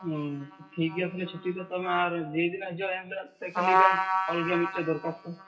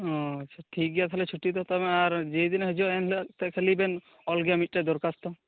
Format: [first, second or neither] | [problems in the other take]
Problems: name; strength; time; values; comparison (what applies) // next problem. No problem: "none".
second | noise reduction (classical method WPE with log-MMSE)